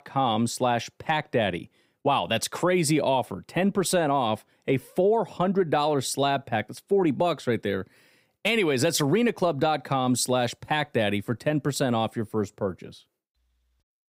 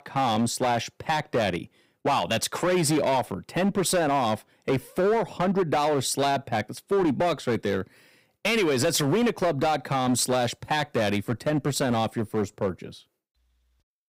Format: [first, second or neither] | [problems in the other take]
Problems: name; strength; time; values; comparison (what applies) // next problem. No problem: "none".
first | distortion; slight; 12% of the sound clipped